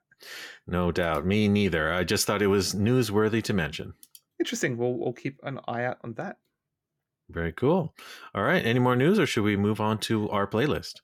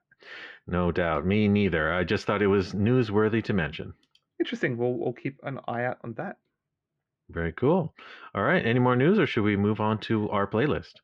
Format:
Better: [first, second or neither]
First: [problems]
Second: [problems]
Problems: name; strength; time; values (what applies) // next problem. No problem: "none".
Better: first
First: none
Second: muffled; slightly; fading above 3 kHz